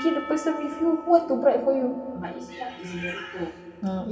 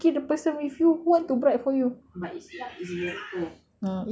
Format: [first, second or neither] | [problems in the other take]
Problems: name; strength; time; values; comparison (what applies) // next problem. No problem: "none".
second | background sound (Percussion); 16 dB below the speech // room echo; dies away in 2.1 s